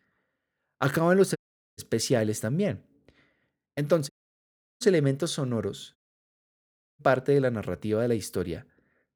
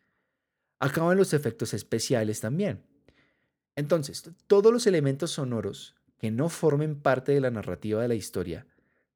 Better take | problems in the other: second | audio cutting out; at 1.5 s, at 4 s for 0.5 s and at 6 s for 1 s

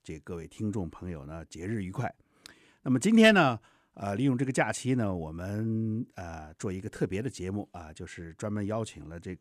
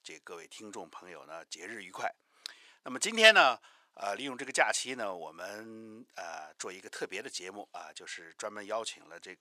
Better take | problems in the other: first | thin; very; fading below 750 Hz

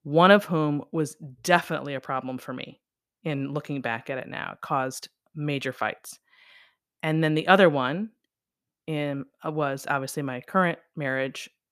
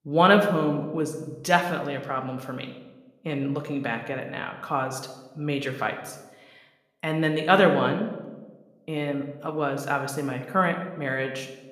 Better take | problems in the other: first | room echo; slight; dies away in 0.8 s

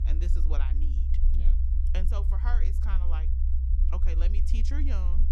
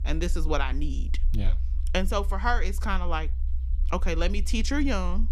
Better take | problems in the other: second | low rumble; loud; throughout; 5 dB below the speech; faint in the second

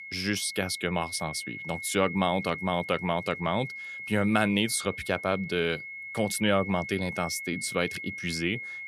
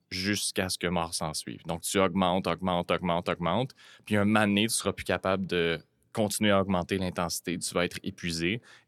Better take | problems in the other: second | high-pitched whine; loud; throughout; 2 kHz, 8 dB below the speech

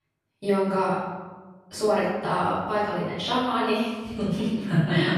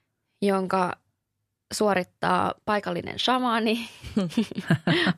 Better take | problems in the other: second | off-mic speech; far // room echo; strong; dies away in 1.2 s

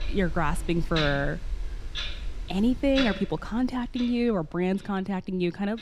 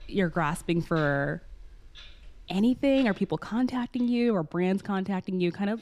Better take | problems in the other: second | household noises; loud; throughout; 8 dB below the speech; faint in the second

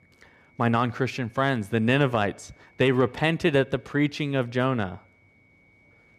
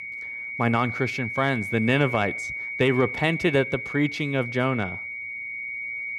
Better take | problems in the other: first | high-pitched whine; loud; throughout; 2 kHz, 6 dB below the speech; faint in the first

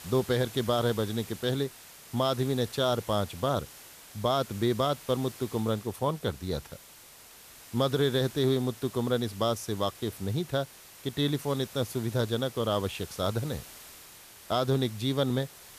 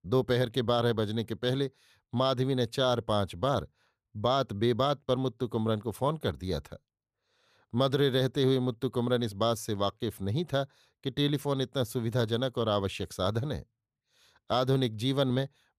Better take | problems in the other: second | hiss; noticeable; throughout; 15 dB below the speech

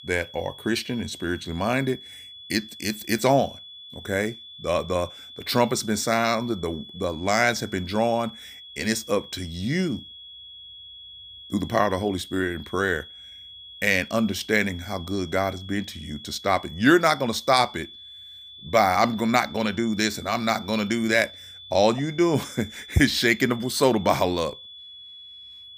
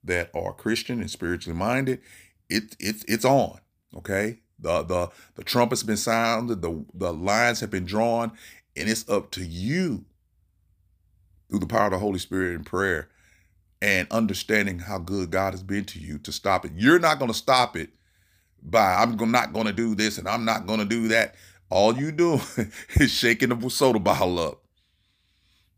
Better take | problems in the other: second | high-pitched whine; noticeable; throughout; 3.5 kHz, 15 dB below the speech

